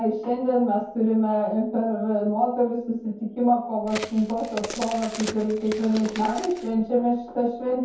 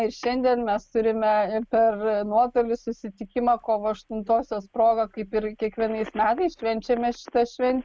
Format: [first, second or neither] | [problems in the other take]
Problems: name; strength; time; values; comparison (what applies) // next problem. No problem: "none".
second | background sound (Crack); 13 dB below the speech // room echo; dies away in 0.6 s